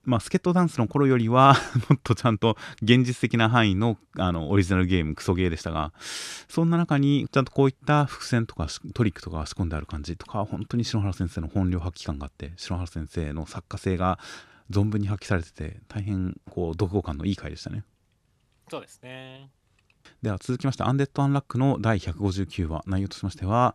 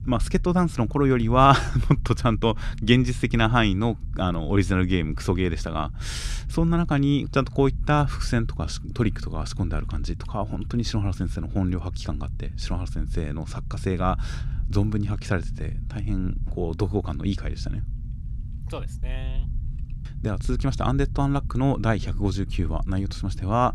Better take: first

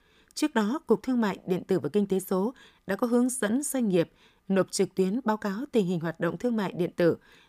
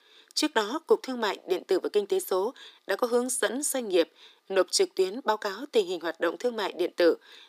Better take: first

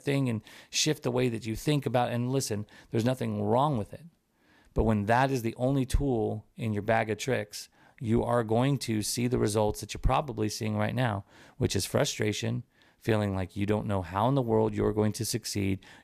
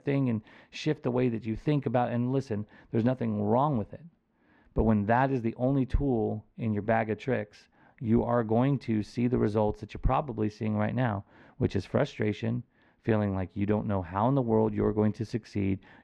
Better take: first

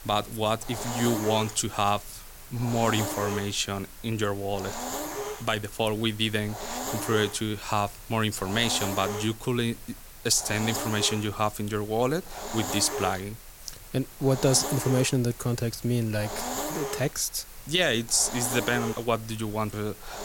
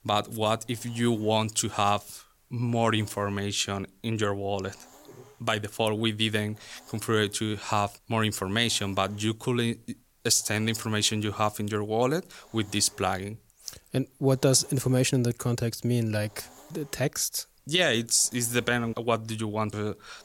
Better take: second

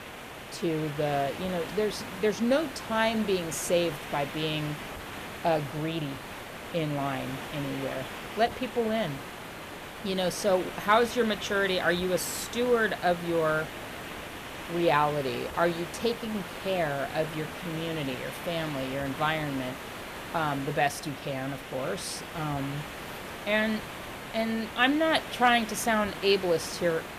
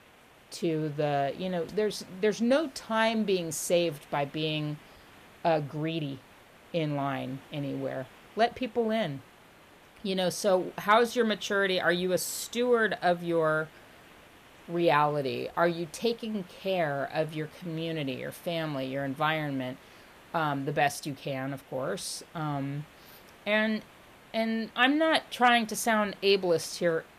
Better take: second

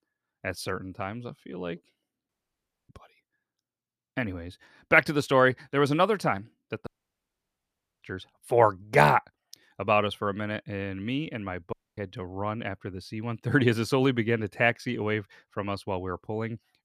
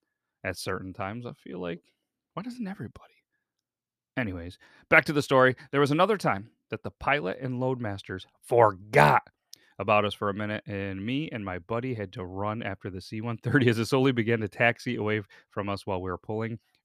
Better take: second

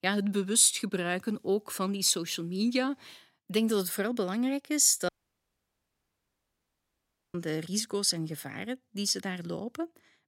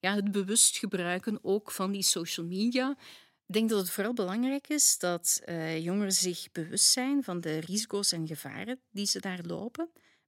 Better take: second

